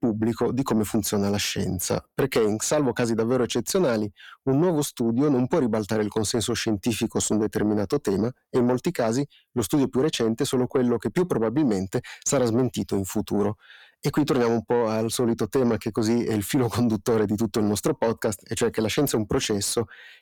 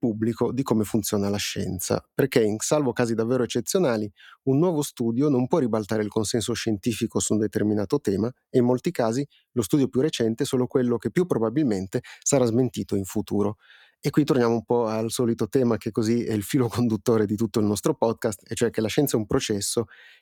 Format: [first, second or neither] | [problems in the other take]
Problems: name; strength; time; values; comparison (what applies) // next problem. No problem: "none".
second | distortion; slight; 10 dB below the speech